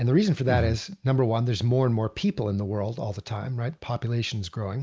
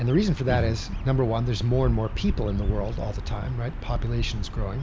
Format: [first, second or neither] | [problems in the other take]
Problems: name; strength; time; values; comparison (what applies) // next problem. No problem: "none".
first | background sound (Bird vocalization, bird call, bird song); 4 dB below the speech